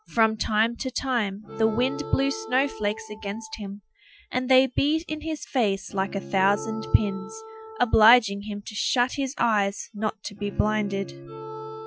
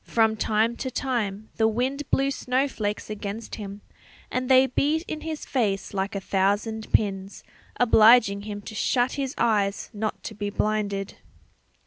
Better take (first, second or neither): second